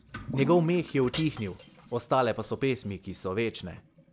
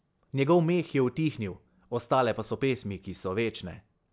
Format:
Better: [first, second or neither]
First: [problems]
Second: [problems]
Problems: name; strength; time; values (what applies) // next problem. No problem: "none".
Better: second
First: background sound (Shatter / Crushing + Toilet flush / Liquid); 13 dB below the speech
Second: none